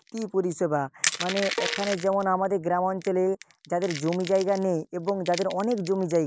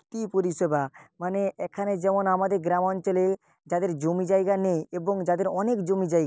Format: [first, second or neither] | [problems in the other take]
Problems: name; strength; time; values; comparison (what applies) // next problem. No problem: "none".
second | background sound (Crushing + Bowed string instrument); 10 dB below the speech